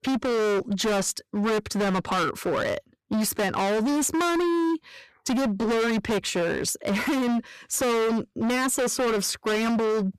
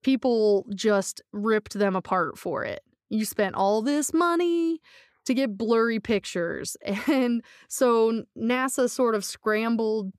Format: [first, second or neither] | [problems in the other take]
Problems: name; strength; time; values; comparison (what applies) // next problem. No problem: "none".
second | distortion; heavy; 36% of the sound clipped